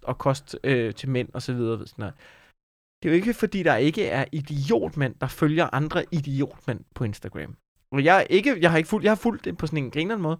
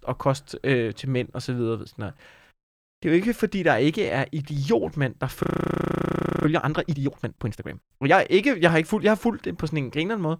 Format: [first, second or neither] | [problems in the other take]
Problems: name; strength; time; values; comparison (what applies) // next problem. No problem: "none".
first | audio freezing; at 5.5 s for 1 s